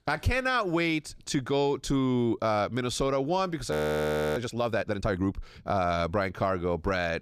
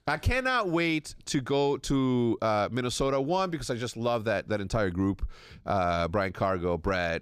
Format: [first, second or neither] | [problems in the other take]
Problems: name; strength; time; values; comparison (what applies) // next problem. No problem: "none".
second | audio freezing; at 3.5 s for 0.5 s